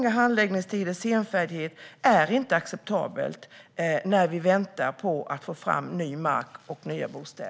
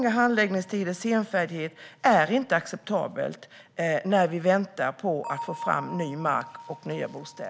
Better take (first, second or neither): first